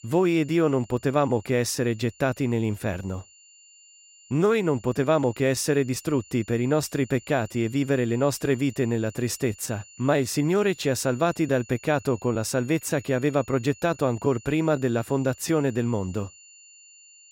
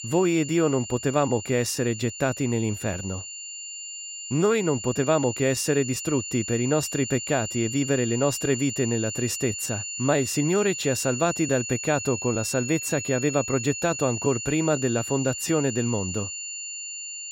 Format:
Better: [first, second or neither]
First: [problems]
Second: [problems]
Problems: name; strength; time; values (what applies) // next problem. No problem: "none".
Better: first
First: high-pitched whine; faint; throughout; 7 kHz, 25 dB below the speech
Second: high-pitched whine; loud; throughout; 7 kHz, 7 dB below the speech